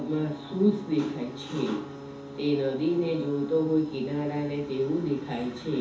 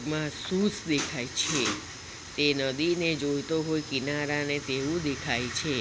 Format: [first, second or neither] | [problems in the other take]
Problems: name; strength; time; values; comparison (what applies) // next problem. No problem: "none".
second | background sound (Alarm / Ocean / Boat, Water vehicle); 16 dB below the speech // room echo; dies away in 0.5 s